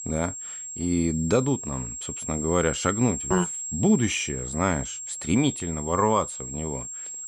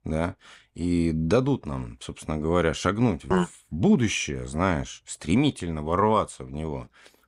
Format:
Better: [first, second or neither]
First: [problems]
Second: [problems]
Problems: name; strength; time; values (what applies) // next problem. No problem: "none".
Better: second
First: high-pitched whine; loud; throughout; 7.5 kHz, 6 dB below the speech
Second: none